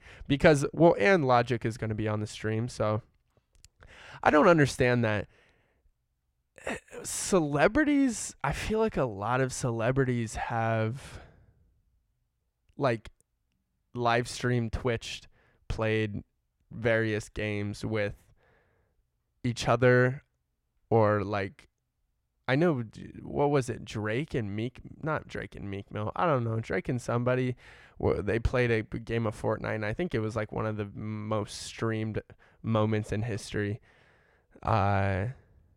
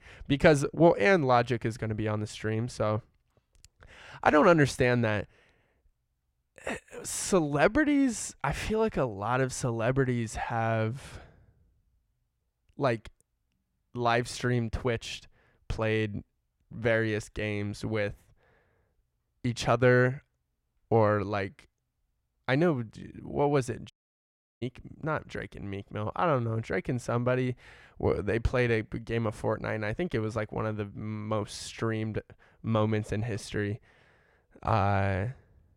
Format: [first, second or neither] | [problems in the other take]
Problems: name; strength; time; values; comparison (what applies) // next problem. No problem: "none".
first | audio cutting out; at 24 s for 0.5 s